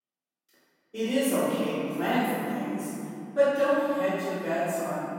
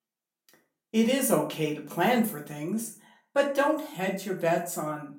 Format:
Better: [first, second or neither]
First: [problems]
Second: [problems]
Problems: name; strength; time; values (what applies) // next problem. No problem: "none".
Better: second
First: room echo; strong; dies away in 2.8 s // off-mic speech; far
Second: room echo; slight; dies away in 0.4 s // off-mic speech; far